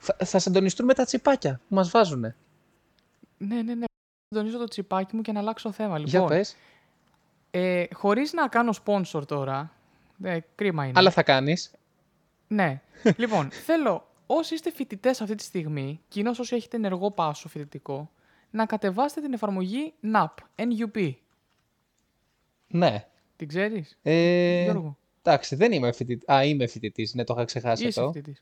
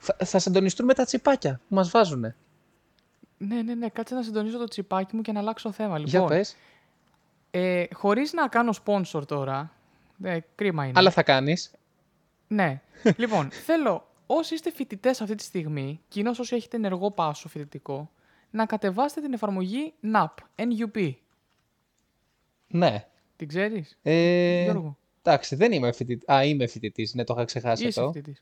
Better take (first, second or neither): second